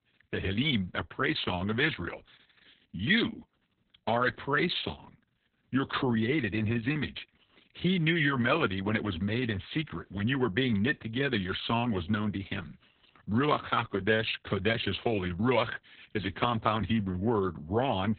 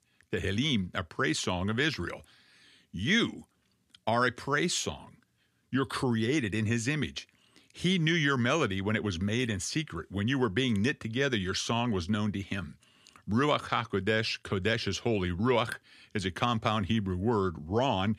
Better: second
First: garbled, watery; badly; nothing above 4 kHz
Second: none

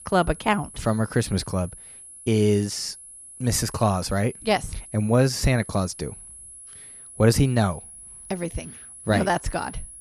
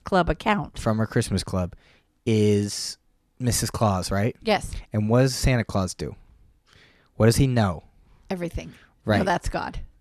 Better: second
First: high-pitched whine; noticeable; throughout; 10.5 kHz, 15 dB below the speech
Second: none

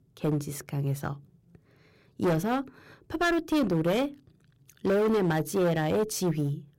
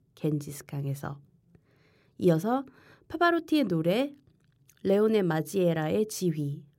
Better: second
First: distortion; heavy; 13% of the sound clipped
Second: none

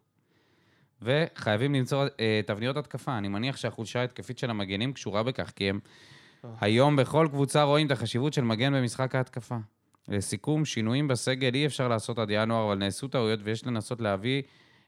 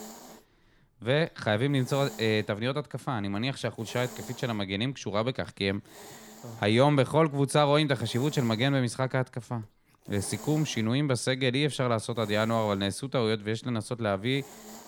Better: first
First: none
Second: hiss; noticeable; throughout; 20 dB below the speech

